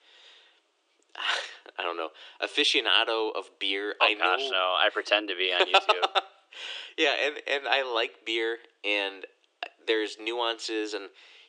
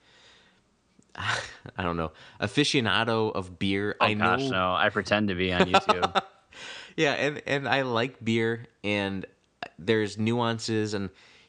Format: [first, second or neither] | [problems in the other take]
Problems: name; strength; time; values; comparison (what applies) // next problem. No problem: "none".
second | thin; very; fading below 300 Hz